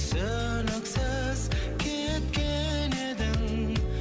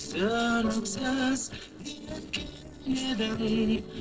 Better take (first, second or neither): first